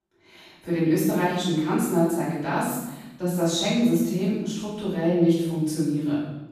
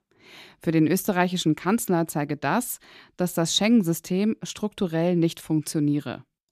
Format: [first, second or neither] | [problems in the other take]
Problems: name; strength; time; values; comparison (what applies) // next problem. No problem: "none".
second | off-mic speech; far // room echo; strong; dies away in 0.9 s